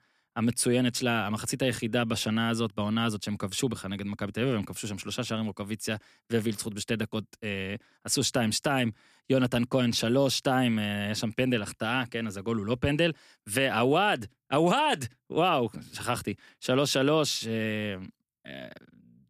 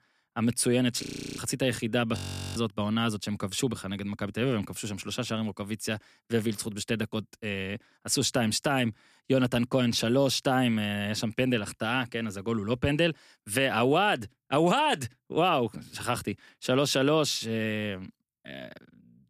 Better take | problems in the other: first | audio freezing; at 1 s and at 2 s

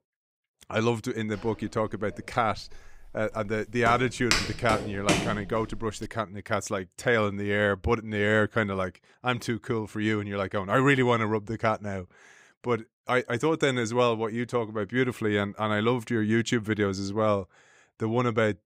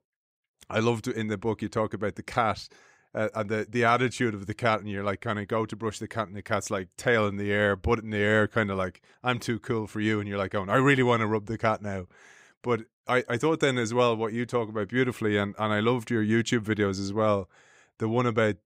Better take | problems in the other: second | footsteps; loud; from 4 to 6 s; peak 1 dB above the speech

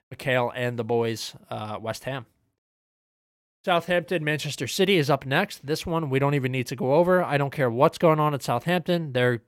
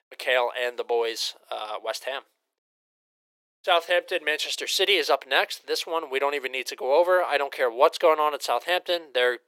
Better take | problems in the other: first | thin; very; fading below 400 Hz

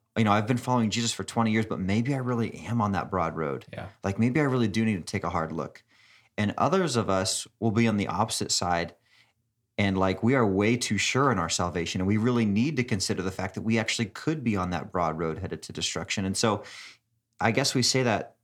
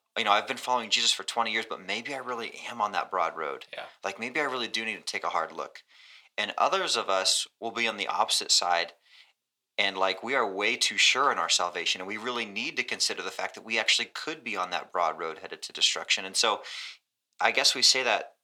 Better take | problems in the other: first | thin; very; fading below 700 Hz

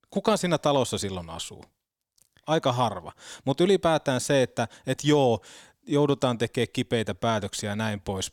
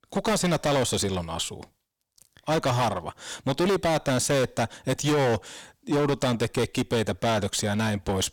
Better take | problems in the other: first | distortion; heavy; 17% of the sound clipped

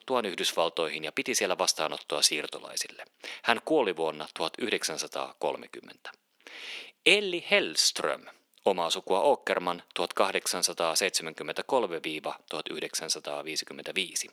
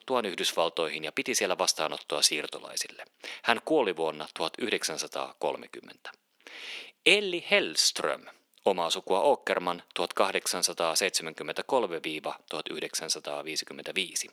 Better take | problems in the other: neither | thin; very; fading below 350 Hz; the same in both

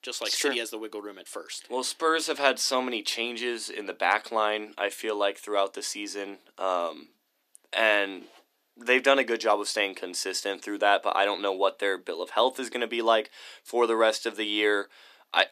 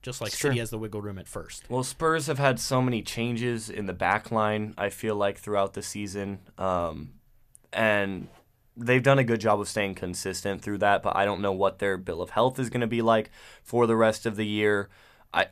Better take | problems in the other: second | thin; somewhat; fading below 300 Hz

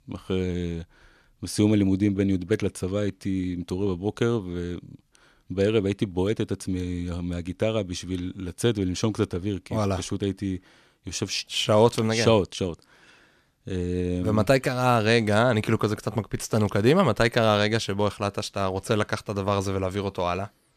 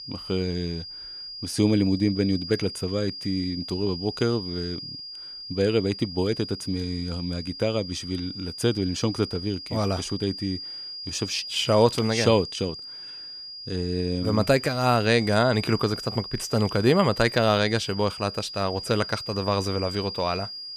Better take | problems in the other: first | high-pitched whine; loud; throughout; 5 kHz, 9 dB below the speech

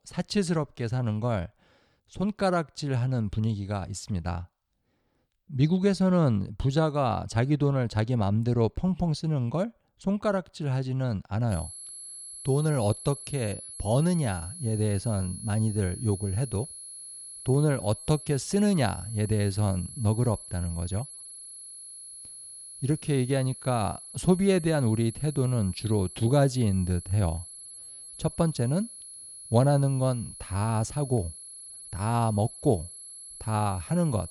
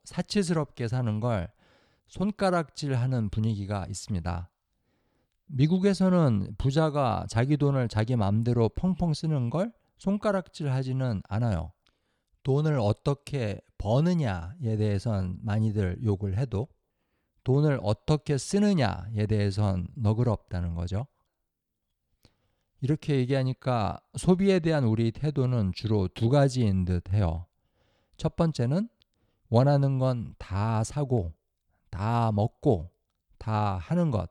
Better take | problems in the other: second | high-pitched whine; noticeable; from 12 s on; 11 kHz, 15 dB below the speech

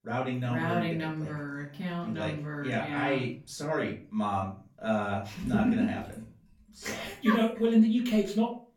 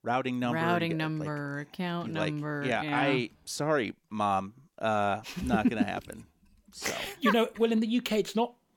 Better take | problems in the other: second | room echo; slight; dies away in 0.4 s // off-mic speech; far

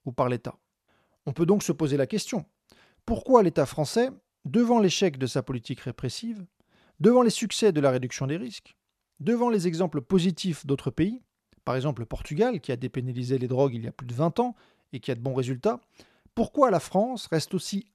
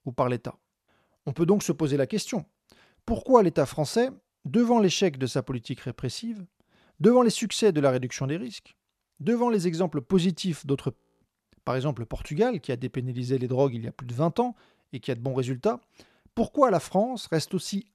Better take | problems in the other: first | audio freezing; at 11 s

